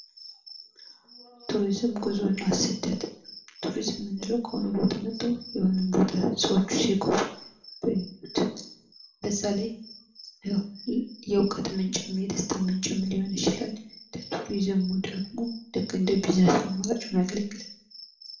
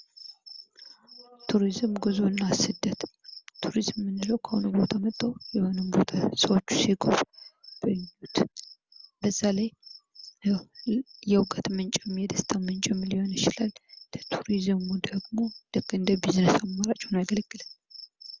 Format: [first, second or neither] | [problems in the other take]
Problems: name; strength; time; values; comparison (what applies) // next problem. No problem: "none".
second | room echo; dies away in 0.5 s